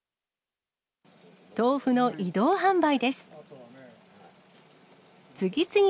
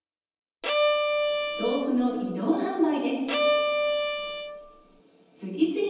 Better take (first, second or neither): first